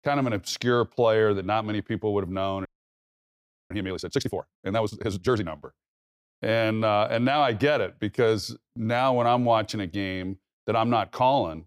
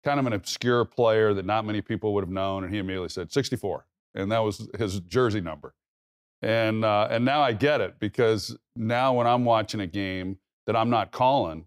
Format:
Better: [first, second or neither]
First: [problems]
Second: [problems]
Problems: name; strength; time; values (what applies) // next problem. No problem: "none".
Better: second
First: audio freezing; at 2.5 s for 1 s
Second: none